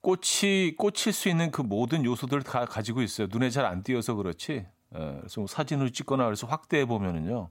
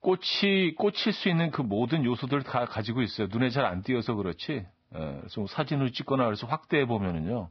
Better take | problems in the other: first | garbled, watery; badly; nothing above 5 kHz

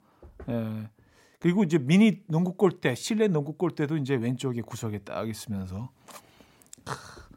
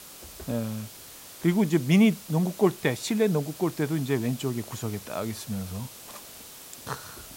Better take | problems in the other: first | hiss; noticeable; throughout; 15 dB below the speech

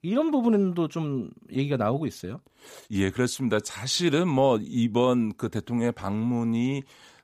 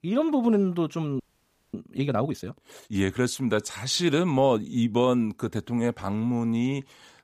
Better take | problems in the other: first | audio freezing; at 1 s for 0.5 s

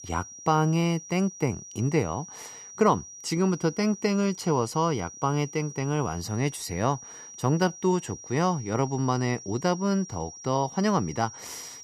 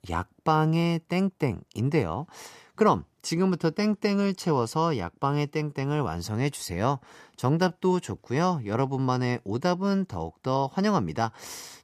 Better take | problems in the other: second | high-pitched whine; noticeable; throughout; 5.5 kHz, 15 dB below the speech

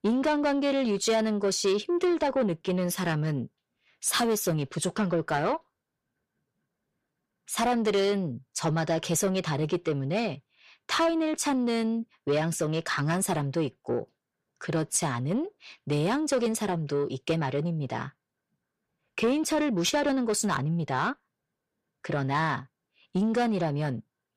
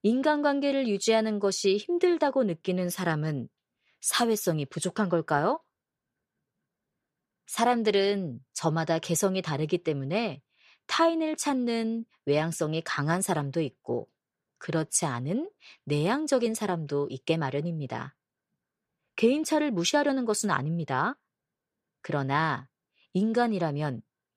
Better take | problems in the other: second | distortion; slight; 10 dB below the speech

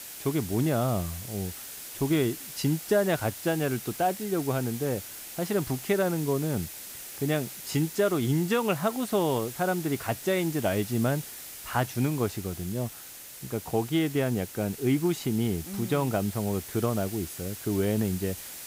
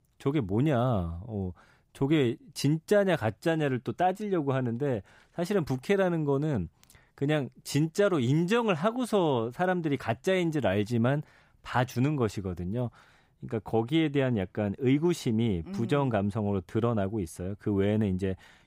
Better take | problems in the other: second | hiss; noticeable; throughout; 10 dB below the speech

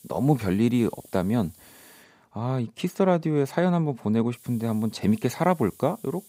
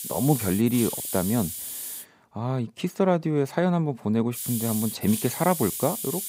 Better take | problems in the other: first | hiss; loud; until 2 s and from 4.5 s on; 5 dB below the speech; faint in the first

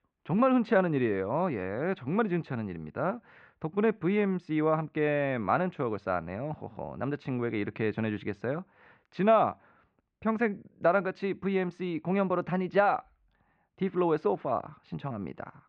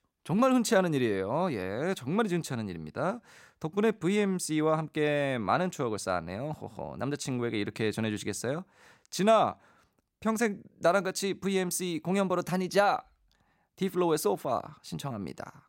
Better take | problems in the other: second | muffled; very; fading above 2.5 kHz

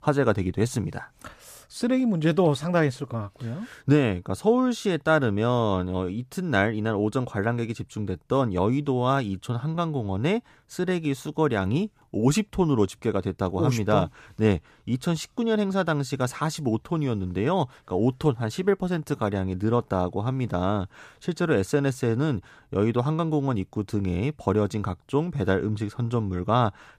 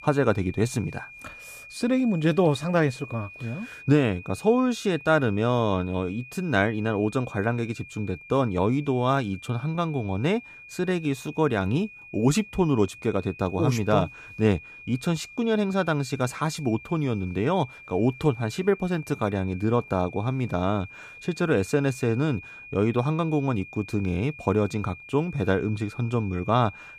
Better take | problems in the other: first | high-pitched whine; noticeable; throughout; 2.5 kHz, 15 dB below the speech

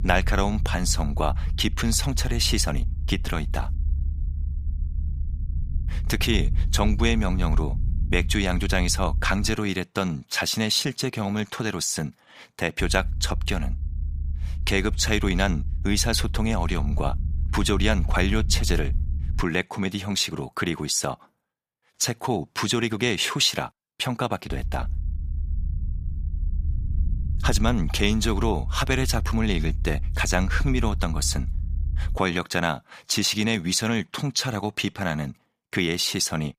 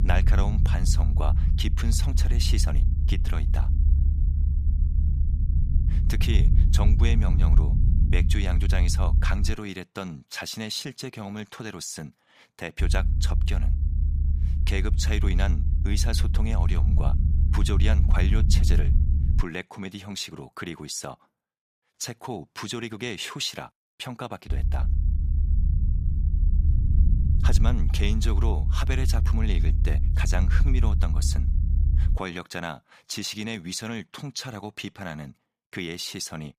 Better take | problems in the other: first | low rumble; loud; until 9.5 s, from 13 to 19 s and from 24 to 32 s; 8 dB below the speech; faint in the first

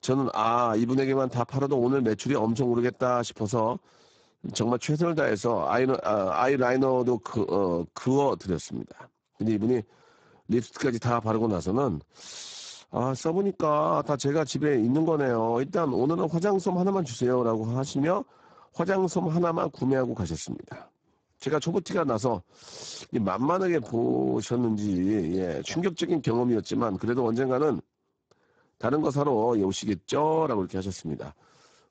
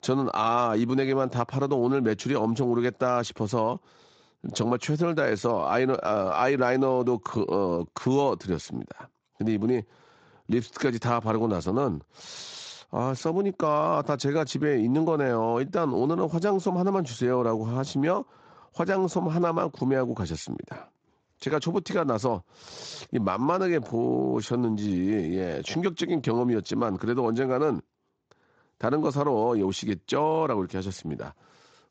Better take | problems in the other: second | garbled, watery; badly; nothing above 7.5 kHz; slightly in the second

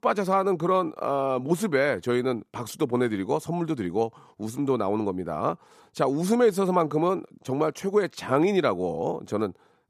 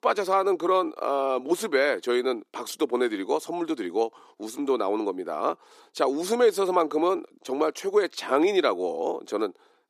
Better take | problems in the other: first | thin; somewhat; fading below 300 Hz

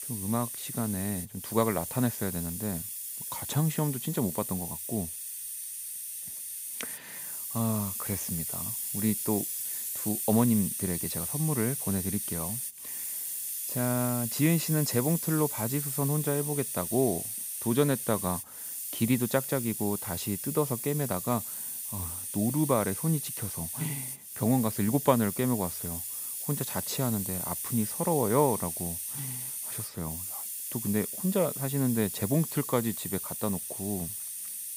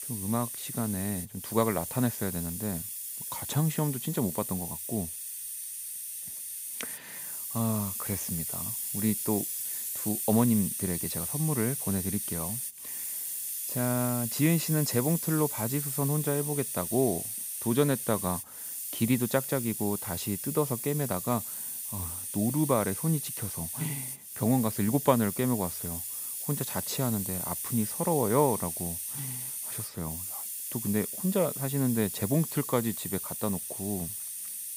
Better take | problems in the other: neither | hiss; loud; throughout; 3 dB below the speech; the same in both

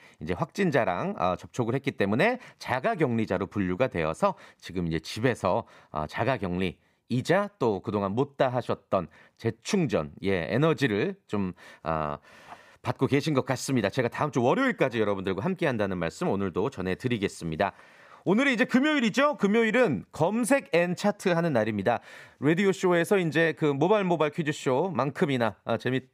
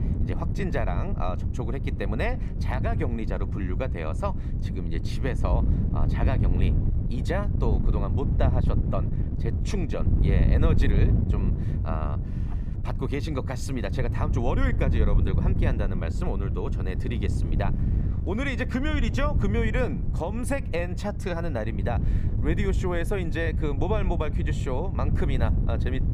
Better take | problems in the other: first | wind noise on the microphone; heavy; 7 dB below the speech

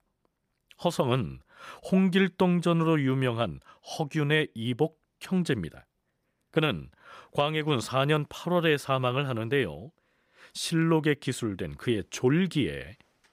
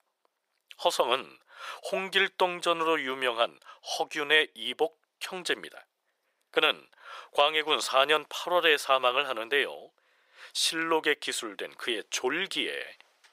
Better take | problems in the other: first | thin; very; fading below 500 Hz

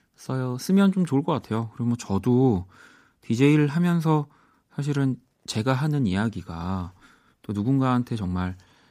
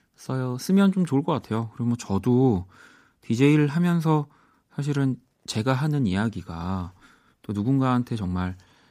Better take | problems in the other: neither | none

